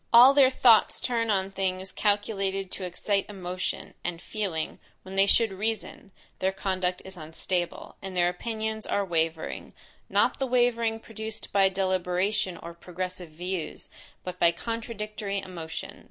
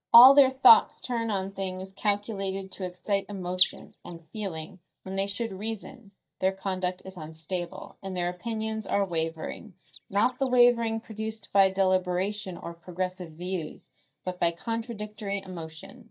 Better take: first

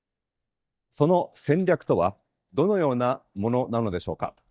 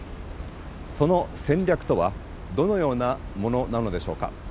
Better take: second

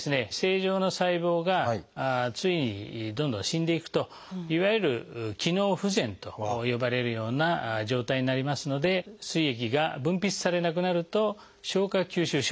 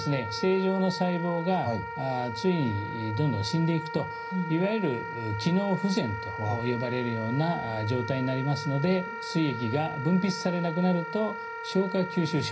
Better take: first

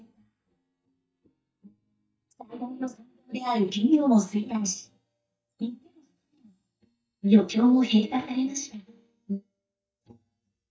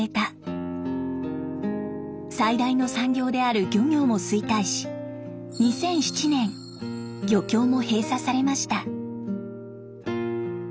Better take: second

